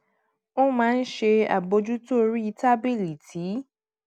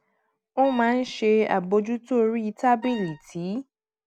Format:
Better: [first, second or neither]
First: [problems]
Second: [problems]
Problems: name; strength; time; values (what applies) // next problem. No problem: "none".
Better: first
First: none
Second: background sound (Wind instrument, woodwind instrument); 18 dB below the speech